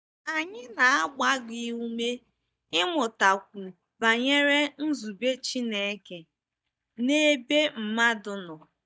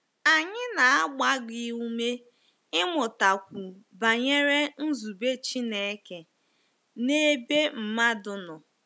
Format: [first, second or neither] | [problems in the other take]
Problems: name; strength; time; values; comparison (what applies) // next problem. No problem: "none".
second | noise reduction (neural mask model DeepFilterNet 3)